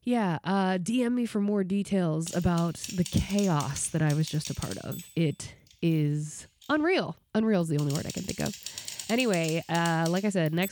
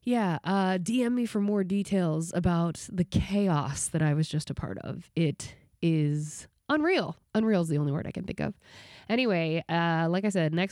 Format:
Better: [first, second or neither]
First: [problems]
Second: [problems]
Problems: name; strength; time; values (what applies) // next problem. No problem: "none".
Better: second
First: keyboard typing; noticeable; from 2.5 s on; peak 8 dB below the speech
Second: none